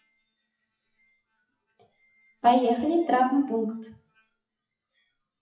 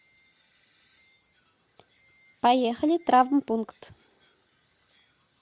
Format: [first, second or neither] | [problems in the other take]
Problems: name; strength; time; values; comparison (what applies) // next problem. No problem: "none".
second | noise reduction (classical method WPE with log-MMSE)